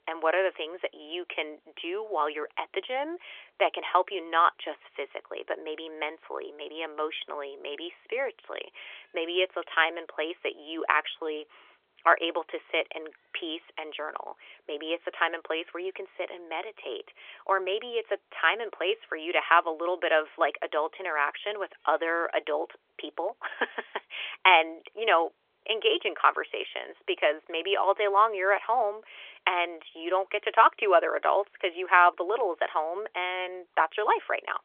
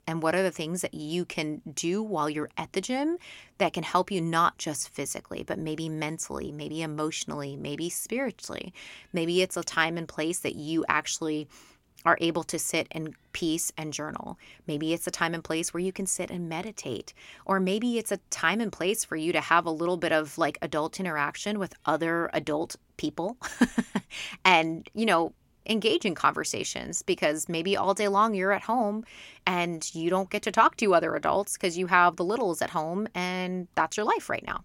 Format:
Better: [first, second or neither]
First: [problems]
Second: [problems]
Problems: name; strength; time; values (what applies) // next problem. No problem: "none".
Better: second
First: phone-call audio; nothing above 3.5 kHz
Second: none